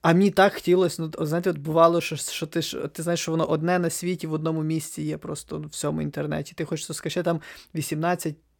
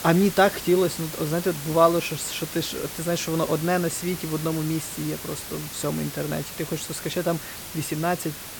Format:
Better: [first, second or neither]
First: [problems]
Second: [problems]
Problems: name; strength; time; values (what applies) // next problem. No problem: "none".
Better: first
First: none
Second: hiss; loud; throughout; 8 dB below the speech